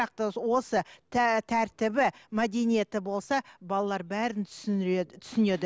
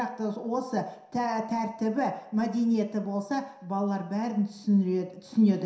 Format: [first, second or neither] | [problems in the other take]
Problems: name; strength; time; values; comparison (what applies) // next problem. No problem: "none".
first | room echo; dies away in 0.7 s